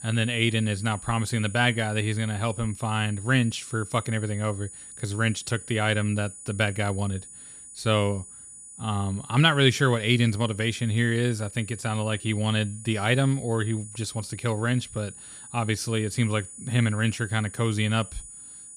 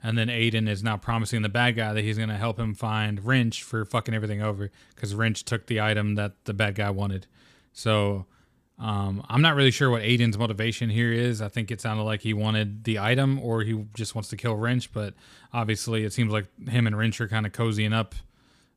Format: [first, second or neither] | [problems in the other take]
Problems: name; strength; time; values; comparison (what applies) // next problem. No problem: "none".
second | high-pitched whine; noticeable; throughout; 9.5 kHz, 15 dB below the speech